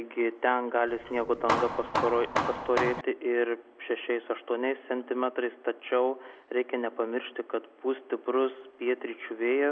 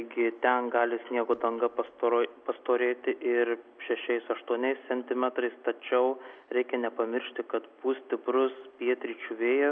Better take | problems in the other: second | background sound (Hammer); 2 dB below the speech

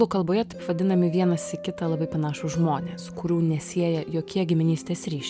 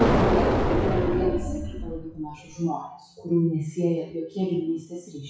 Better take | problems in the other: first | noise reduction (classical method WPE with log-MMSE)

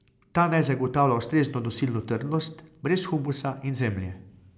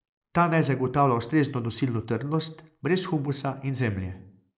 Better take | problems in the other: first | noise reduction (neural mask model Resemble Enhance denoiser)

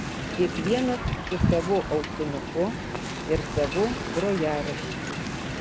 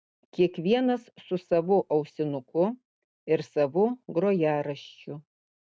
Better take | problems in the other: second | background sound (Wind); 2 dB below the speech

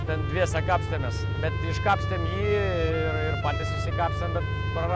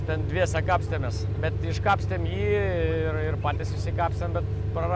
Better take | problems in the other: second | background sound (Trumpet); 11 dB below the speech

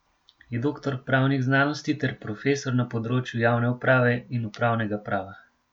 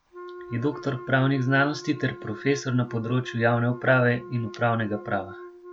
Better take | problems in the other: first | background sound (Wind instrument, woodwind instrument); 16 dB below the speech

